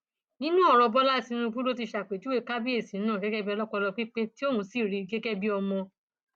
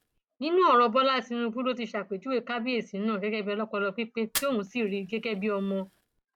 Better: first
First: none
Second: background sound (Fire); 18 dB below the speech

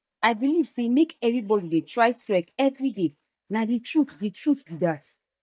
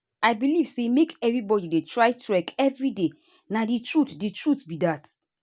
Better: second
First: noise reduction (neural mask model DeepFilterNet 3)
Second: none

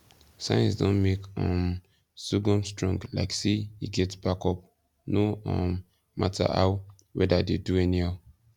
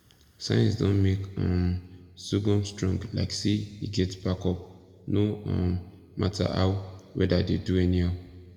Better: first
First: none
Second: room echo; dies away in 1.3 s

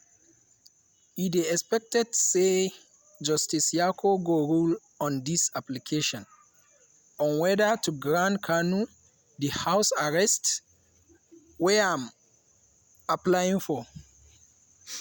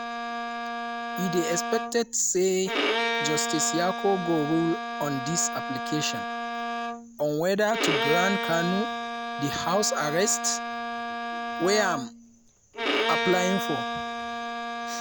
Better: first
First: none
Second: background sound (Bowed string instrument); 2 dB below the speech

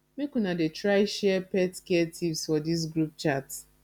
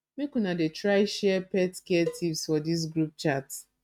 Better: first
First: none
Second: noise reduction (neural mask model RNNoise)

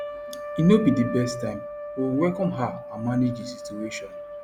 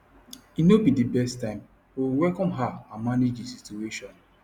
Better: second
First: background sound (Trumpet); 10 dB below the speech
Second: none

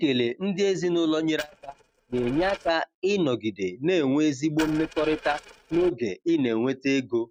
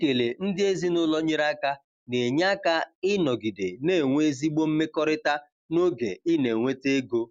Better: second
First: noise reduction (neural mask model RNNoise)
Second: none

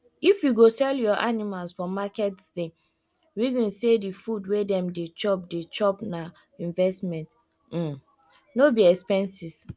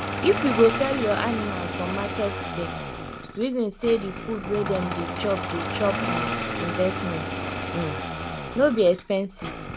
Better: first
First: none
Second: background sound (Engine starting); 4 dB below the speech

